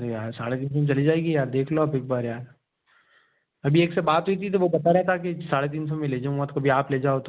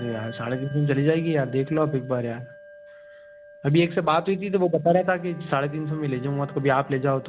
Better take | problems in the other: first | background sound (Bell + Bowed string instrument); 19 dB below the speech

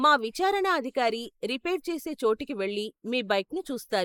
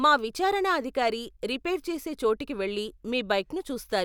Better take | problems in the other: second | noise reduction (neural mask model Resemble Enhance denoiser)

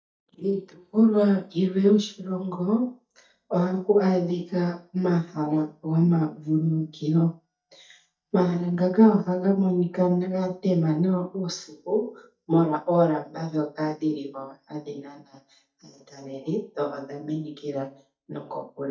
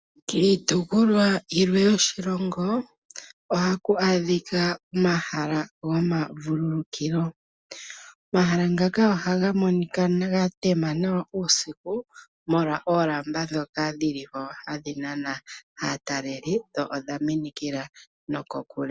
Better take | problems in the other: second | noise reduction (neural mask model DeepFilterNet 3)

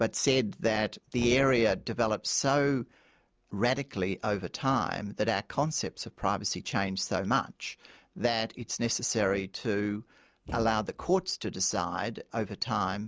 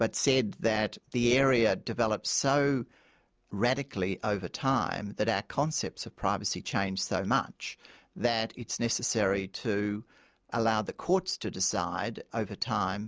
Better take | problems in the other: second | background sound (Thump, thud); 13 dB below the speech

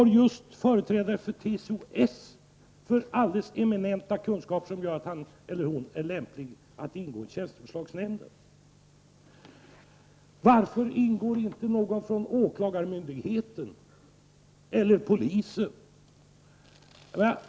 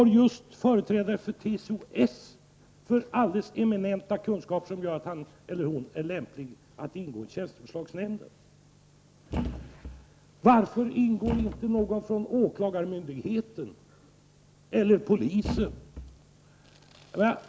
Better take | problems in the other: first | background sound (Thump, thud); 8 dB below the speech

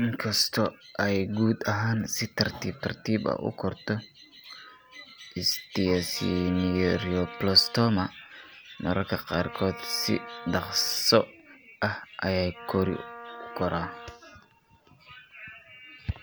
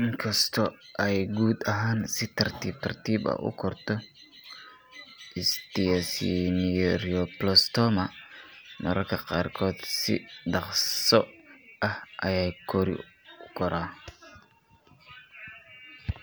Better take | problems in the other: second | background sound (Wind instrument, woodwind instrument); 17 dB below the speech

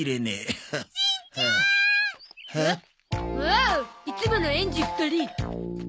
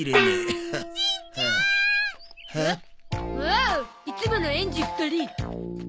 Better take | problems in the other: first | background sound (Gong); 4 dB below the speech

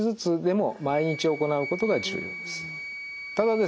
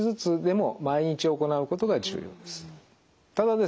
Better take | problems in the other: second | background sound (Wind instrument, woodwind instrument); 11 dB below the speech

